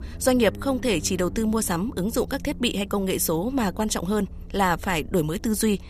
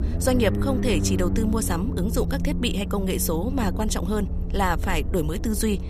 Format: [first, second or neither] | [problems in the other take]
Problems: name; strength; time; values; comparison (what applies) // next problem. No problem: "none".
first | low rumble; loud; throughout; 10 dB below the speech; faint in the first